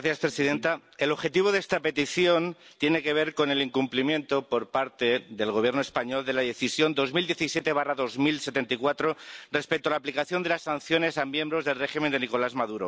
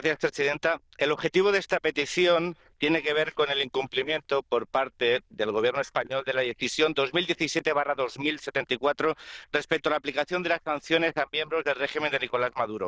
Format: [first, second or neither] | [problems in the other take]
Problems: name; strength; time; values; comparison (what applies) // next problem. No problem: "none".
first | noise reduction (neural diffusion model UNIVERSE++)